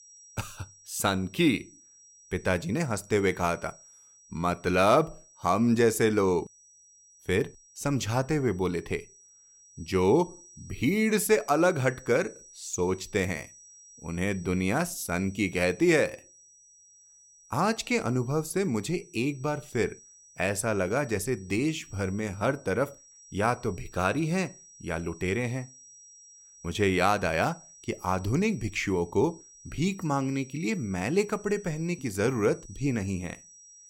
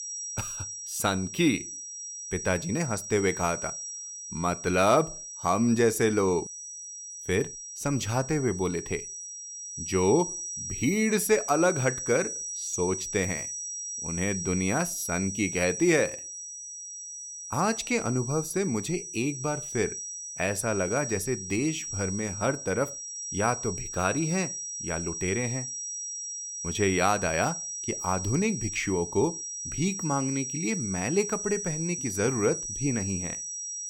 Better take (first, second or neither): first